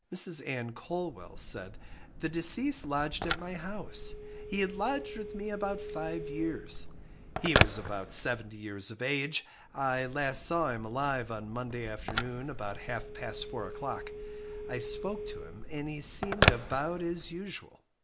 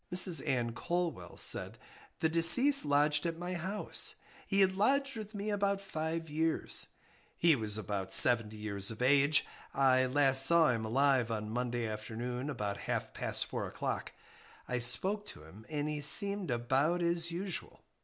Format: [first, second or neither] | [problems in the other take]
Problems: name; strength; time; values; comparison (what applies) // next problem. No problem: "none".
second | background sound (Telephone); 1 dB below the speech